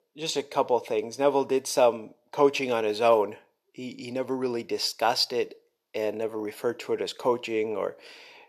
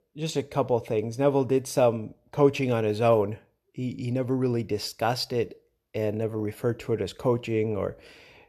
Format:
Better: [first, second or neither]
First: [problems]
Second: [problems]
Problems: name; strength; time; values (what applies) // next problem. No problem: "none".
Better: second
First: thin; somewhat; fading below 350 Hz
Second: none